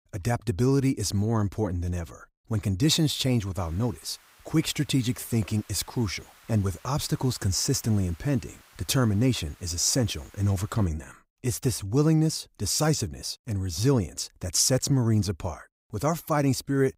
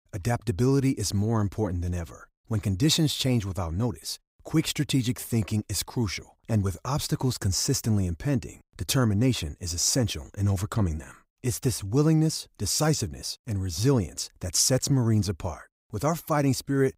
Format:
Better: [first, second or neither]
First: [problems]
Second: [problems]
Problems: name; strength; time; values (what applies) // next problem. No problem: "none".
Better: second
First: hiss; faint; from 3.5 to 11 s; 25 dB below the speech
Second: none